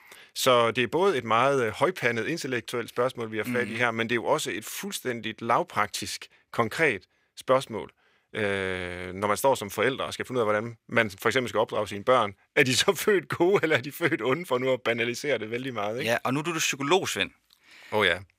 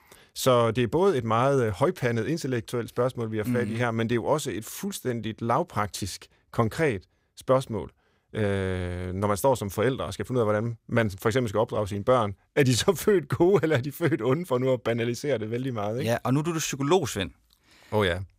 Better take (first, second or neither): second